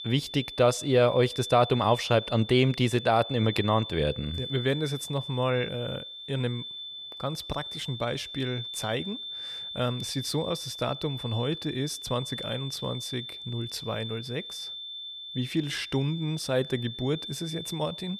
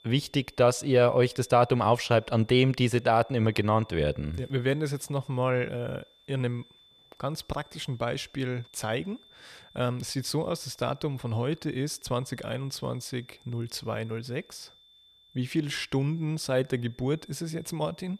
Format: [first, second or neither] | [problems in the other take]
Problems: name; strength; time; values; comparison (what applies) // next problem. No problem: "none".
second | high-pitched whine; loud; throughout; 3.5 kHz, 8 dB below the speech; faint in the second